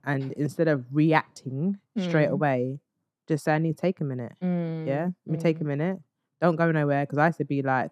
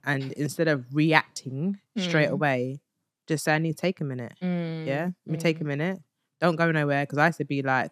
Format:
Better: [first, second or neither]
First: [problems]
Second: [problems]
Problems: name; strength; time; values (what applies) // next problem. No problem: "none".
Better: second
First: muffled; slightly; fading above 1.5 kHz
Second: none